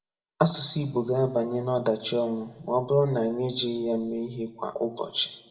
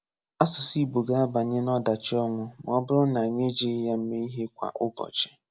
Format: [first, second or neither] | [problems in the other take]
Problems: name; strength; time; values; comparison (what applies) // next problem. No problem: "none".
second | room echo; dies away in 0.9 s